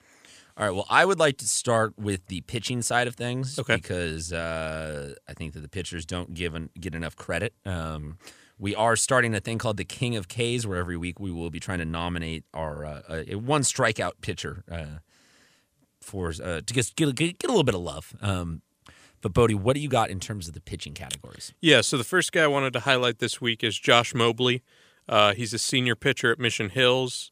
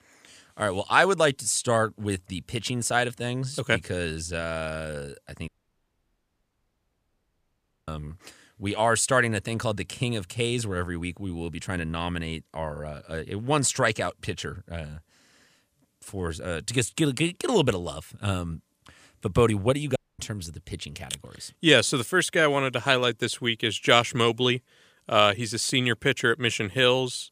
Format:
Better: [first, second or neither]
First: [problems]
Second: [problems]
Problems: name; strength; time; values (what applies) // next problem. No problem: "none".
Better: first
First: none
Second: audio cutting out; at 5.5 s for 2.5 s and at 20 s